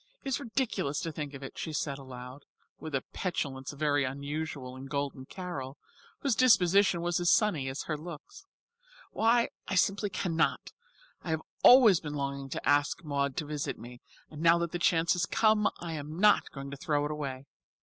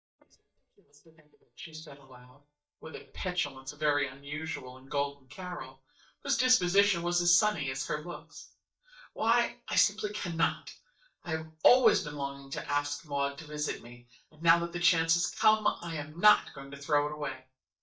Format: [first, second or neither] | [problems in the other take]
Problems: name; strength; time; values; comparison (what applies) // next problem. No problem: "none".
first | noise reduction (neural mask model DeepFilterNet 3)